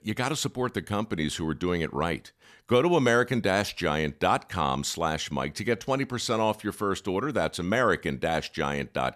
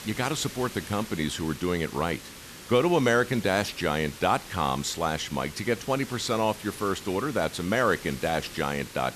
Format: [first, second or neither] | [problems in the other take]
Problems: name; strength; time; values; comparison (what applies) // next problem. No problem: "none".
first | hiss; noticeable; throughout; 15 dB below the speech